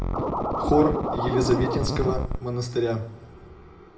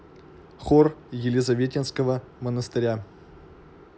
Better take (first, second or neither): second